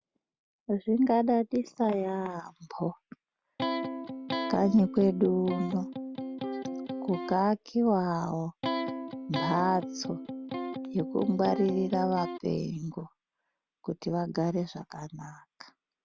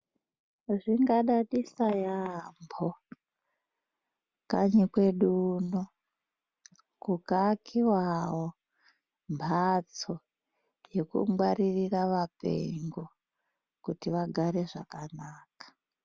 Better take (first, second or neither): second